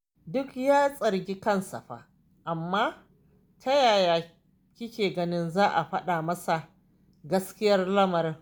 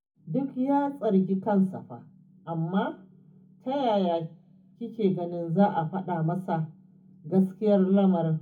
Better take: first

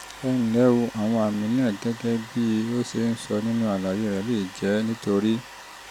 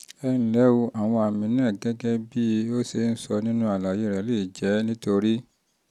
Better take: second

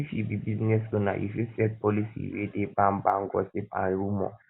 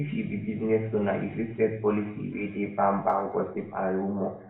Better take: first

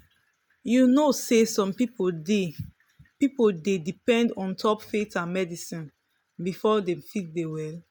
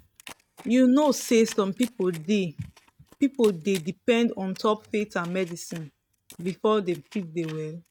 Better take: first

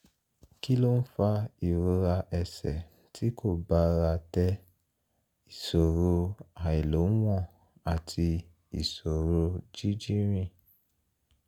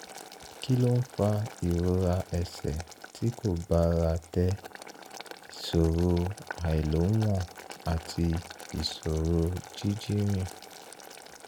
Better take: first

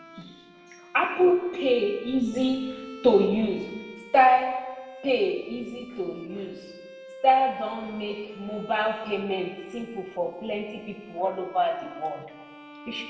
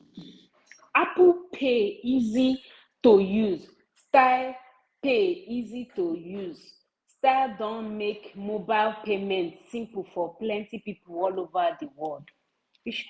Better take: second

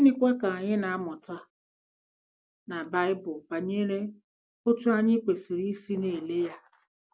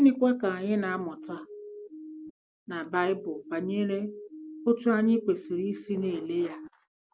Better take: first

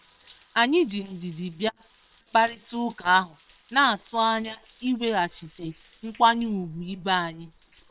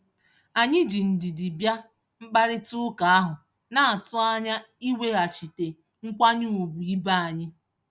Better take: second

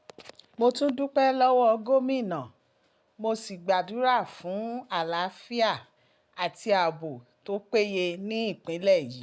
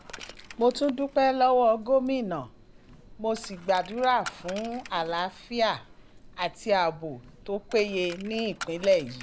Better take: first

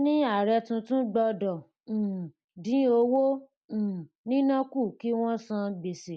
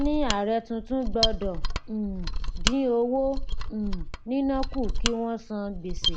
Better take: first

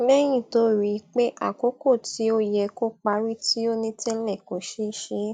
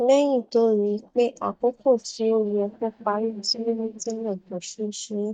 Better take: first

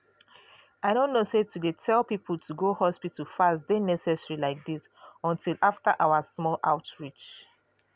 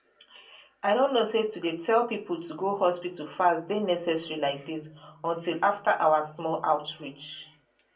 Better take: first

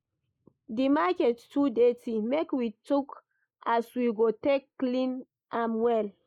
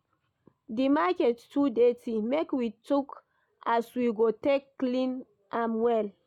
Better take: second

